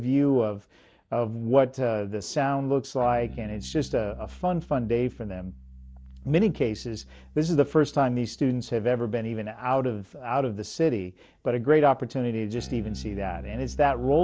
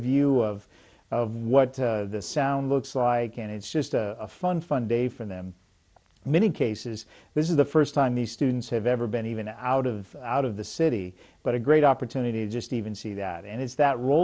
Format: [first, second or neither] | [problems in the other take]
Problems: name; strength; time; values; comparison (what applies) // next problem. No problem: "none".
second | noise reduction (neural mask model DeepFilterNet 3)